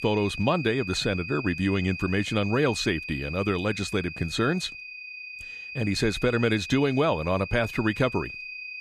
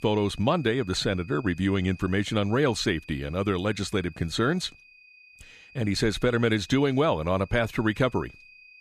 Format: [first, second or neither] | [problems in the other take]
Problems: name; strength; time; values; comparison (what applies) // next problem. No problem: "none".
second | high-pitched whine; loud; throughout; 2.5 kHz, 9 dB below the speech; faint in the second